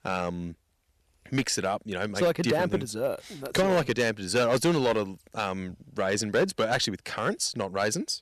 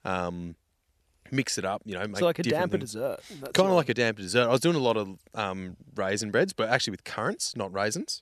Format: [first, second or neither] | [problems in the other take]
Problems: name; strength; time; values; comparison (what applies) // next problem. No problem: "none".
second | distortion; slight; 4% of the sound clipped